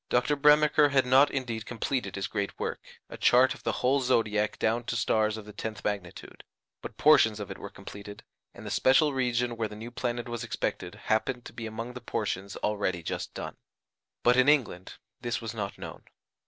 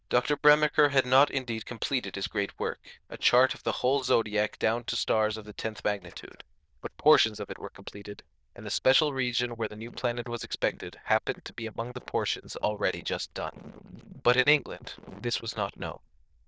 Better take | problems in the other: first | noise reduction (neural diffusion model UNIVERSE++)

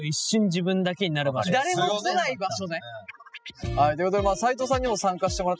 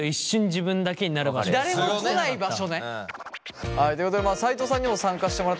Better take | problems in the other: second | noise reduction (classical method spectral subtraction)

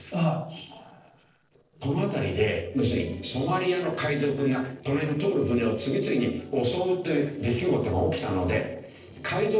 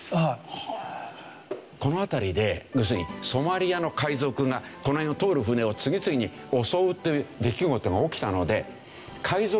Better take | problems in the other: second | noise reduction (neural separator model SepFormer DNS4)

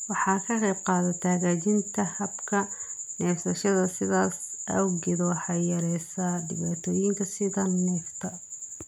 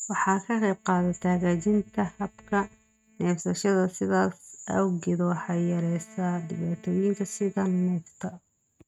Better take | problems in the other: first | noise reduction (neural mask model RNNoise)

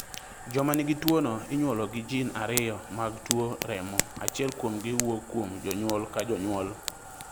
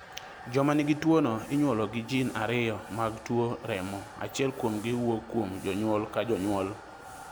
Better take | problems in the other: second | background sound (Fire); 8 dB below the speech

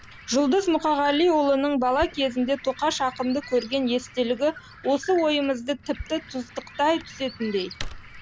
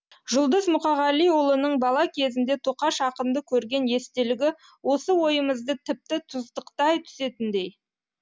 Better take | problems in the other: second | background sound (Tearing / Wood + Bird); 17 dB below the speech

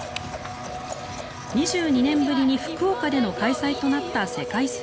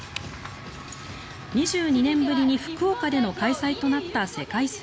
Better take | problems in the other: second | background sound (Domestic sounds, home sounds); 10 dB below the speech

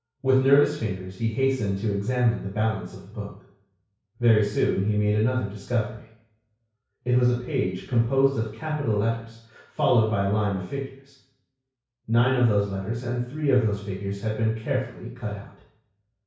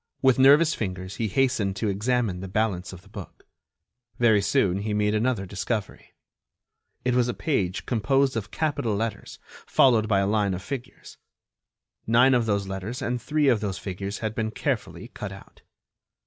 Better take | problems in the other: second | room echo; dies away in 0.6 s

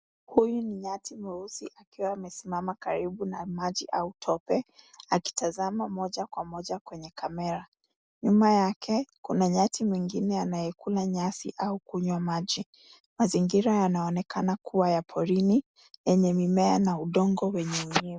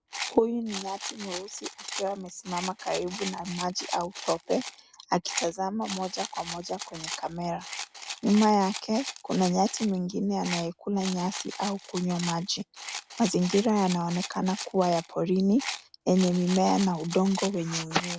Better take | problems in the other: first | background sound (Rattle); 11 dB below the speech

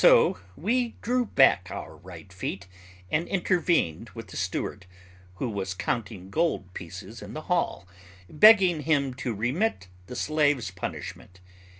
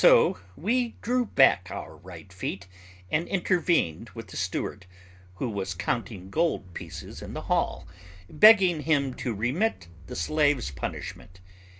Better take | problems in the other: first | background sound (Zipper (clothing)); 13 dB below the speech

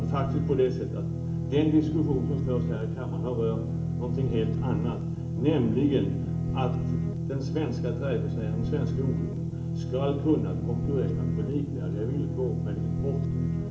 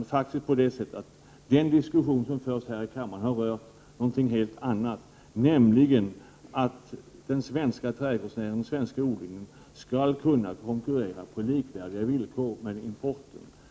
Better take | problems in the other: second | background sound (Guitar); 2 dB above the speech // room echo; dies away in 0.7 s

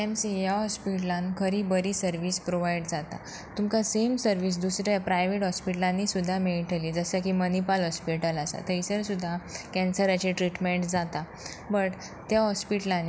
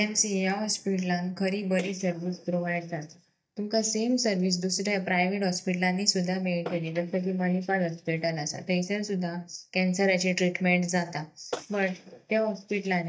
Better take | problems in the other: first | noise reduction (neural mask model DeepFilterNet 3)

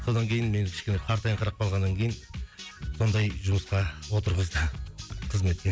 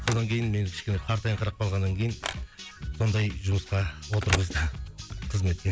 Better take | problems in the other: first | background sound (Telephone); 12 dB below the speech

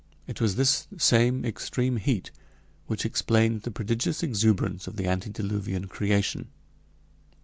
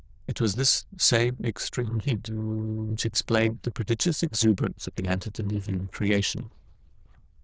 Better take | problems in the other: first | noise reduction (neural diffusion model UNIVERSE++)

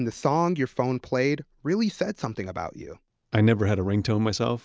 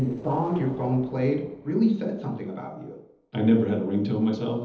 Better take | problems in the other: first | noise reduction (neural separator model SepFormer DNS4)

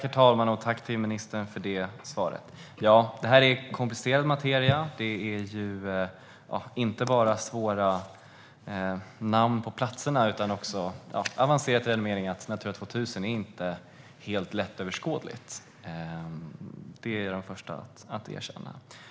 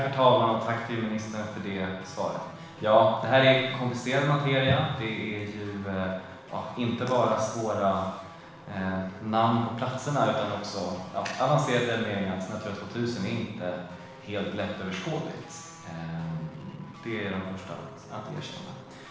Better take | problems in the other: first | background sound (Guitar); 20 dB below the speech // room echo; dies away in 0.9 s

